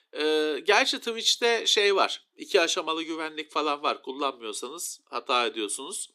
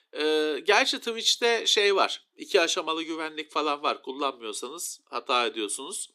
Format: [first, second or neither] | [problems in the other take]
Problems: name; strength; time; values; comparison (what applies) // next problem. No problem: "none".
neither | thin; somewhat; fading below 300 Hz; the same in both